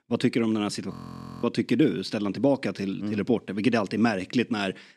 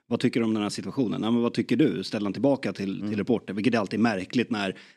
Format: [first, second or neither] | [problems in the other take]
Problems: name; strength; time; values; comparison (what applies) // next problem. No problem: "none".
second | audio freezing; at 1 s